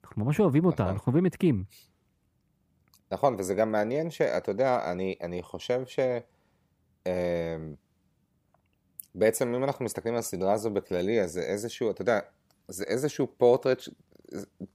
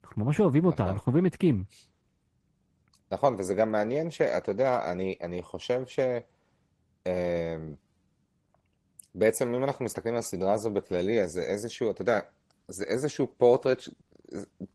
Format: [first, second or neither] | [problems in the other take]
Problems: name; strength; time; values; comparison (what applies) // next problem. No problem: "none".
first | garbled, watery; slightly; nothing above 12 kHz